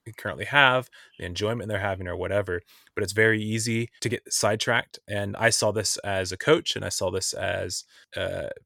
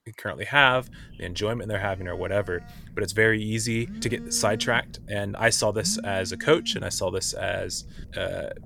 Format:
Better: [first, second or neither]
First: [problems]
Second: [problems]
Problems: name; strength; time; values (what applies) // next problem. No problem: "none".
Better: first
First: none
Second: phone ringing; noticeable; from 0.5 s on; peak 9 dB below the speech